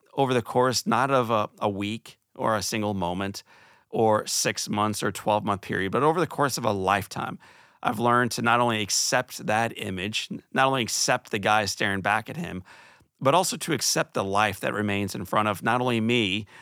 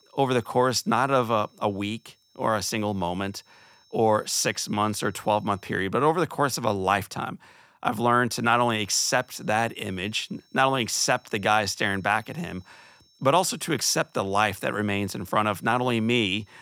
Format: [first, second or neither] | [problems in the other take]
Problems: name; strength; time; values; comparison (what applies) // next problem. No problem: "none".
first | high-pitched whine; faint; until 5.5 s and from 8.5 s on; 5.5 kHz, 35 dB below the speech